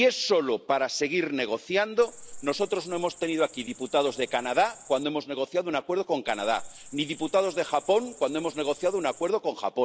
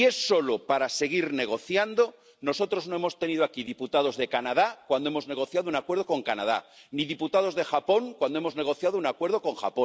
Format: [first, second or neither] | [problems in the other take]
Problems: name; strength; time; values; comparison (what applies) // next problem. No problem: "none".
second | background sound (Cricket); 18 dB below the speech